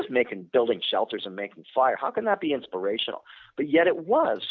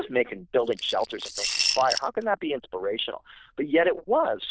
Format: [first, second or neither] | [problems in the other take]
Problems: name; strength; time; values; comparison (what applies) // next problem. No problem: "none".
first | noise reduction (neural diffusion model UNIVERSE++)